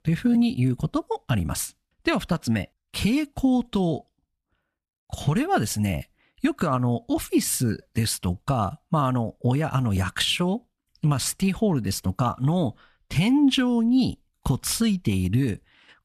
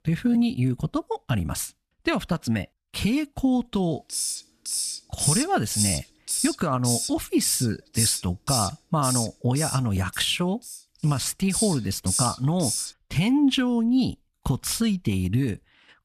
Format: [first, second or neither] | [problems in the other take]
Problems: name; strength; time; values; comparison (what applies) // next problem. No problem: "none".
first | hiss; loud; from 4 to 13 s; 2 dB below the speech